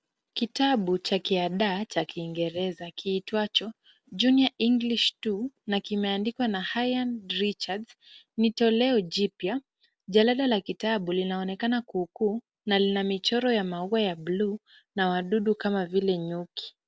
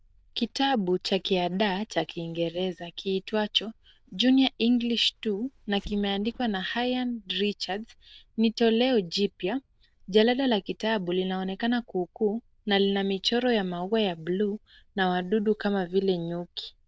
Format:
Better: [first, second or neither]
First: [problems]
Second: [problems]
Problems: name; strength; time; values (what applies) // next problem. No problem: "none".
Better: first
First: none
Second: noise reduction (neural diffusion model UNIVERSE++)